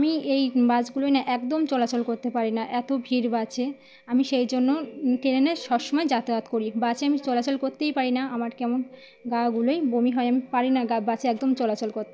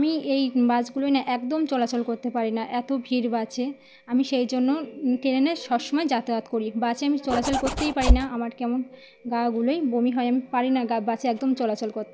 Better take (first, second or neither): first